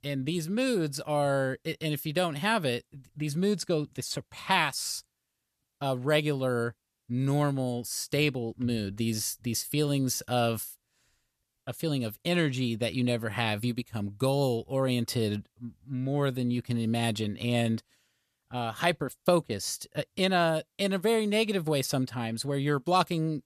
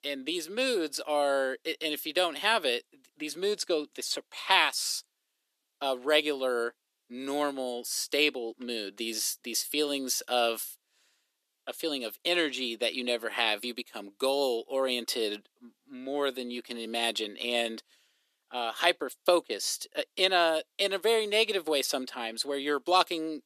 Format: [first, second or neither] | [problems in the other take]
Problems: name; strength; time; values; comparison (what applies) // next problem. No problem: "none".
first | thin; somewhat; fading below 300 Hz